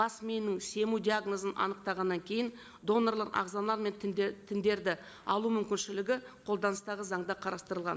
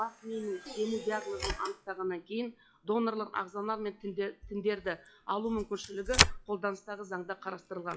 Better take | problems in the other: first | noise reduction (classical method WPE with log-MMSE)

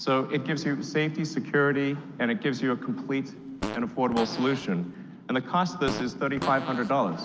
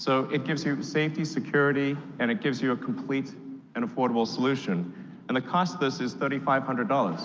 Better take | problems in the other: second | background sound (Fart); 10 dB below the speech

